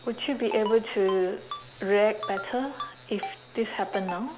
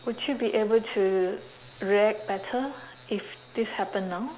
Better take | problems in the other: second | background sound (Ringtone); 13 dB below the speech

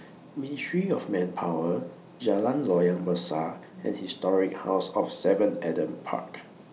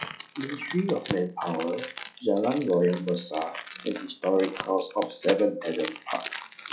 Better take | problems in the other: first | noise reduction (classical method log-MMSE)

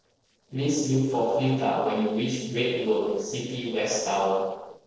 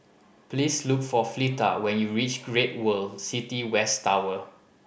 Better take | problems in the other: second | noise reduction (neural separator model SepFormer DNS4)

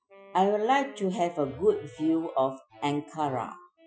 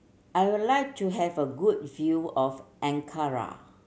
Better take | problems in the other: second | noise reduction (classical method Wiener filter)

